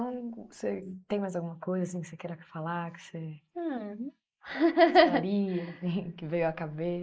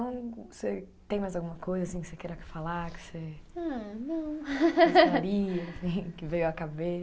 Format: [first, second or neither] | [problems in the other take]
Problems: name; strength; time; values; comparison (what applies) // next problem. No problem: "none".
second | noise reduction (neural mask model Resemble Enhance denoiser)